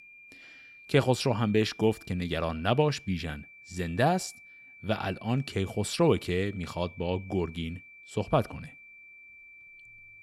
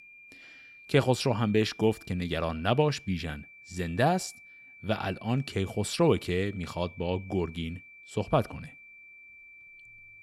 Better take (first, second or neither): neither